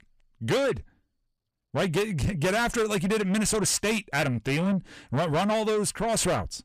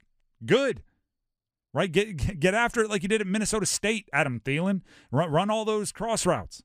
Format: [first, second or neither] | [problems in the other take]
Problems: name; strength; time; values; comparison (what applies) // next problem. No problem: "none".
second | distortion; heavy; 6 dB below the speech